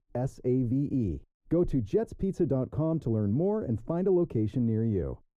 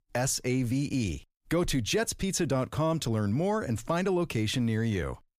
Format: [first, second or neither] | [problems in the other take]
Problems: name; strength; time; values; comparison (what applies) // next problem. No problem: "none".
second | muffled; very; fading above 1 kHz